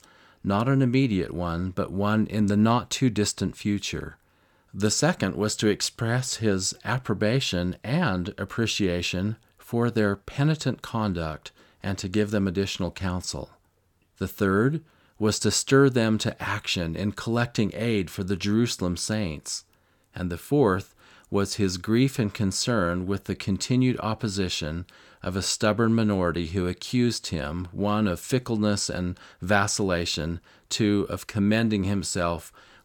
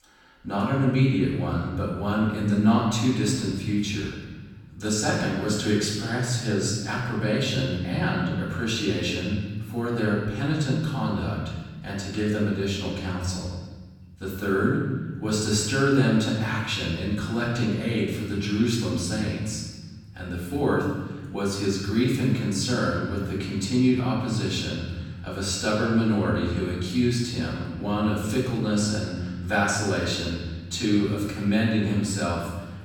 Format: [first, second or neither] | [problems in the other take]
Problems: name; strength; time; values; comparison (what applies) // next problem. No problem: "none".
first | off-mic speech; far // room echo; noticeable; dies away in 1.3 s